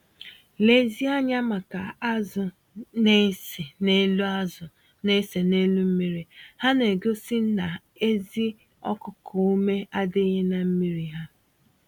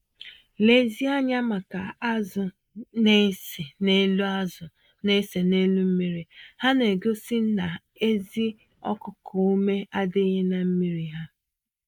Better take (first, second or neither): first